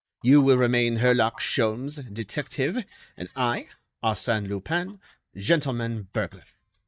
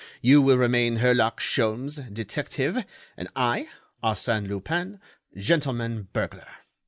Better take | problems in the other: second | noise reduction (neural mask model DeepFilterNet 3)

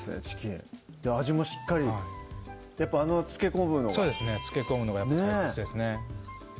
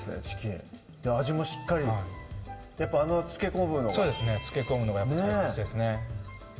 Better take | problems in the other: first | room echo; dies away in 1.6 s

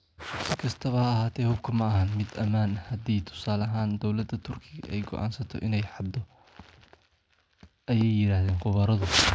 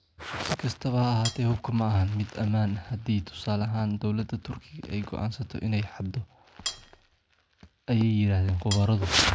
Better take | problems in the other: first | background sound (Cutlery, silverware); 11 dB below the speech

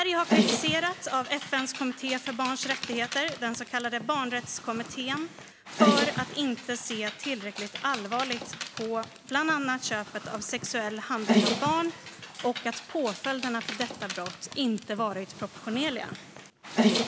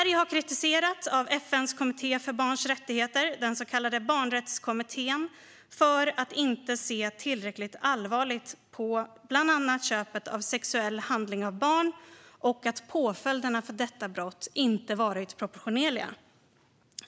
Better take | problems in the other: second | background sound (Dog); 2 dB below the speech

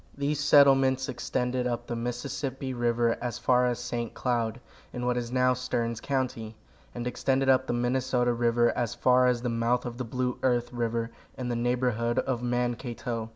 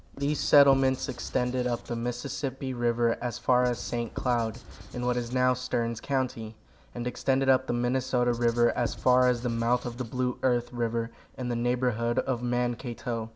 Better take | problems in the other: first | background sound (Writing); 15 dB below the speech

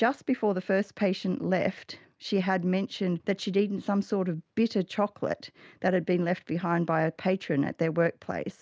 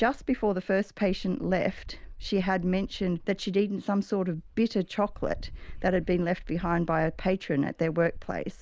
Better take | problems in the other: first | background sound (Dog); 14 dB below the speech

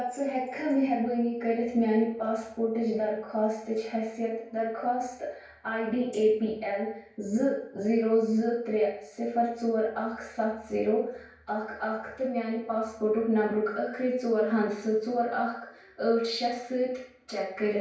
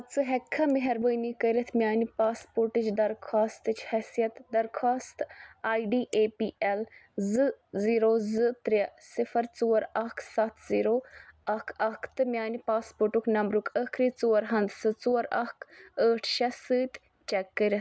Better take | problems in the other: second | room echo; dies away in 0.5 s

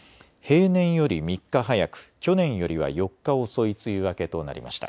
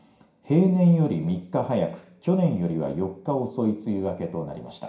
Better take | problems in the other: first | room echo; dies away in 0.5 s

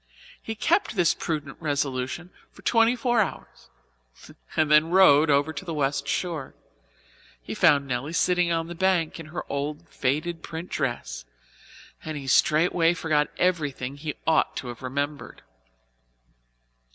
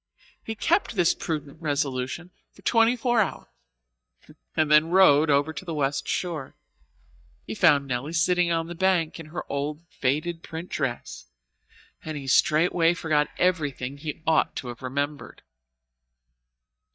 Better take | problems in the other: first | noise reduction (neural mask model DeepFilterNet 3)

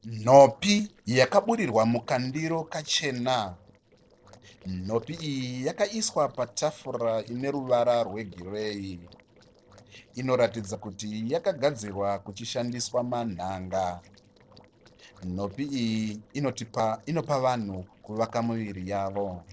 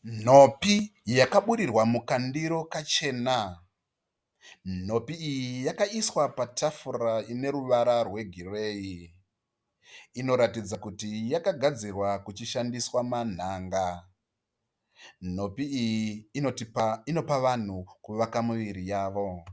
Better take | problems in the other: second | noise reduction (neural separator model SepFormer DNS4)

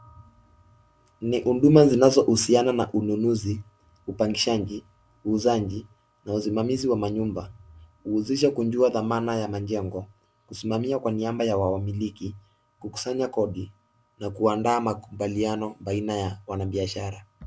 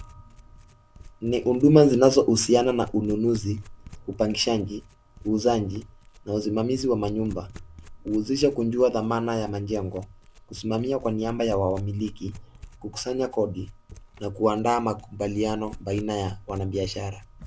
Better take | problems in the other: first | background sound (Domestic sounds, home sounds); 20 dB below the speech

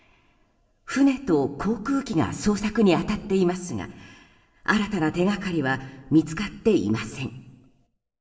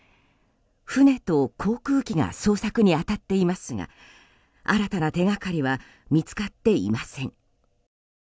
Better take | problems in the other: second | room echo; dies away in 0.9 s

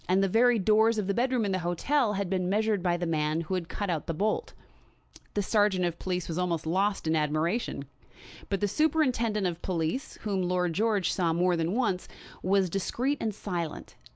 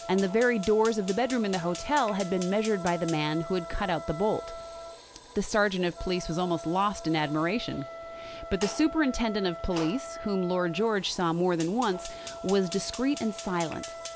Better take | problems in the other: first | background sound (Fire + Wind instrument, woodwind instrument); 12 dB below the speech

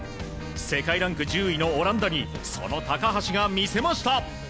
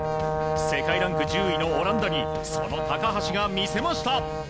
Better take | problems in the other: first | background sound (Brass instrument); as loud as the speech

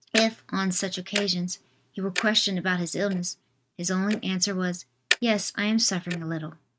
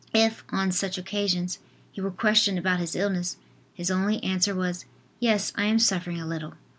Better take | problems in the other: second | noise reduction (neural mask model RNNoise)

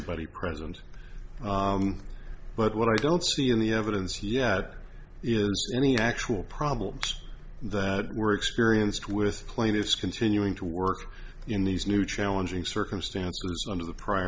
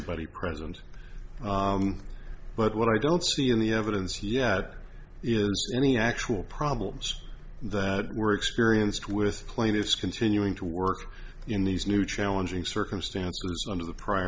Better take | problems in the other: second | background sound (Finger snapping); 17 dB below the speech

